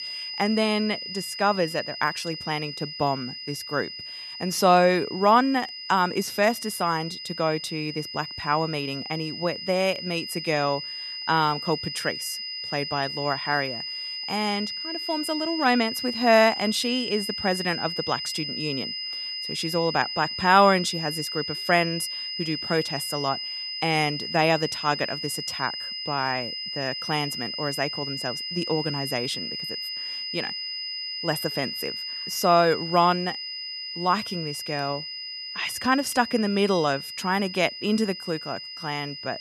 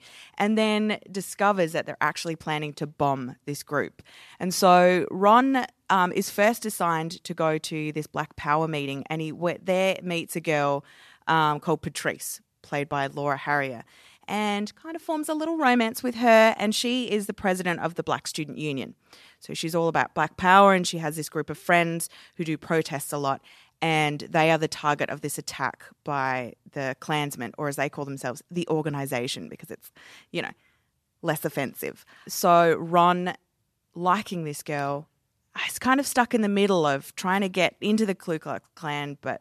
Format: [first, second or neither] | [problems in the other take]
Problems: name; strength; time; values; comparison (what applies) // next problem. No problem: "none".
second | high-pitched whine; loud; throughout; 5 kHz, 6 dB below the speech